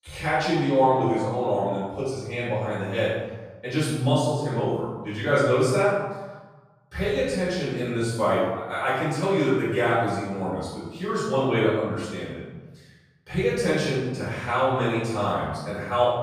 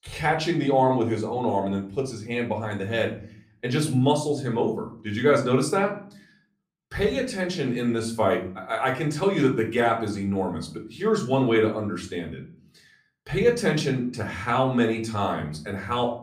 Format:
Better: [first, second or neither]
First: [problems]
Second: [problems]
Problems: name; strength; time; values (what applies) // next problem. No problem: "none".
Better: second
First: room echo; strong; dies away in 1.1 s // off-mic speech; far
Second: room echo; slight; dies away in 0.4 s // off-mic speech; somewhat distant